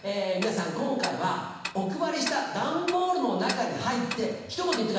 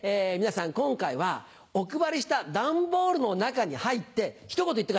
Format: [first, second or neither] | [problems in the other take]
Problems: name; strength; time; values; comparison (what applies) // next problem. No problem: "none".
second | background sound (Tick-tock); 12 dB below the speech // room echo; dies away in 1.1 s